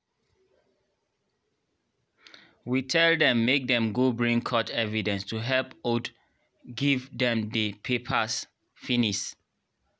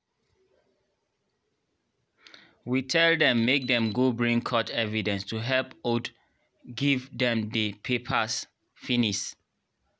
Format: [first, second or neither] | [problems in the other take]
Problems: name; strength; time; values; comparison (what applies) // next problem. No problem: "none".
first | background sound (Alarm); 20 dB below the speech